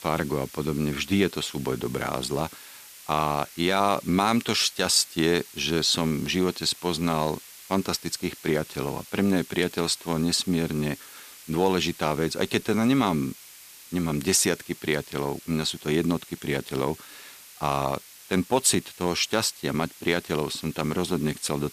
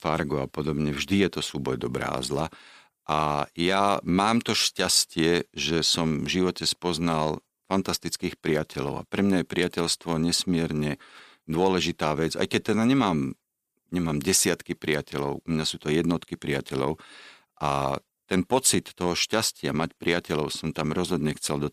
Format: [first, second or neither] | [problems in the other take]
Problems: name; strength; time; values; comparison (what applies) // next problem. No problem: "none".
second | hiss; noticeable; throughout; 20 dB below the speech